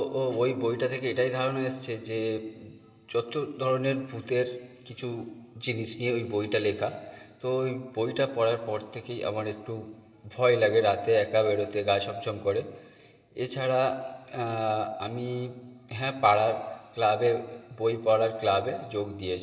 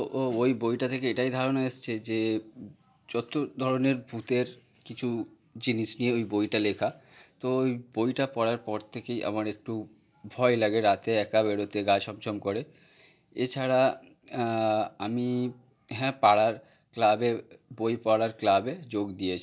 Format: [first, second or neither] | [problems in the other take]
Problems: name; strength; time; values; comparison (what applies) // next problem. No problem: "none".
second | room echo; dies away in 2.6 s